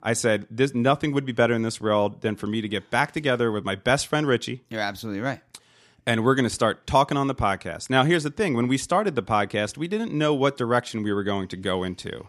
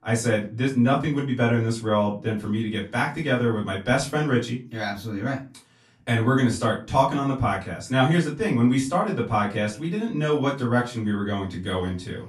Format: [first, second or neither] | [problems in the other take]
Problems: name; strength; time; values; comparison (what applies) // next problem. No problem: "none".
first | room echo; slight; dies away in 0.3 s // off-mic speech; far